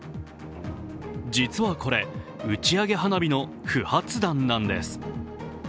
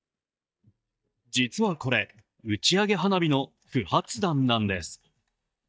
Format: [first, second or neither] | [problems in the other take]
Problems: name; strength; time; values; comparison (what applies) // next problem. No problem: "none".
first | noise reduction (neural mask model DeepFilterNet 3)